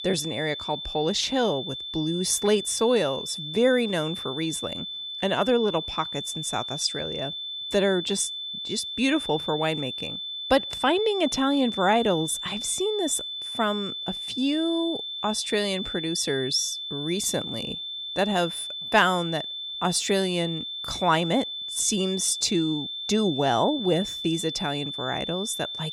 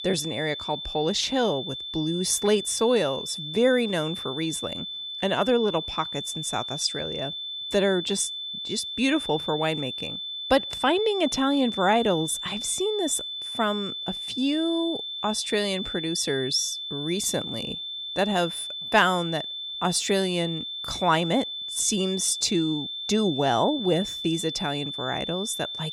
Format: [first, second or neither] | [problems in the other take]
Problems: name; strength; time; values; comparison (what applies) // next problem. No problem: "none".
neither | high-pitched whine; loud; throughout; 3.5 kHz, 6 dB below the speech; the same in both